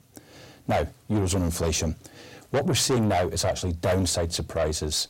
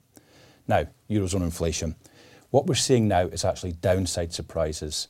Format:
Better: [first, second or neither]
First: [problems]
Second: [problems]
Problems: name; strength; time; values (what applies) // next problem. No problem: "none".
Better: second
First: distortion; heavy; 7 dB below the speech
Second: none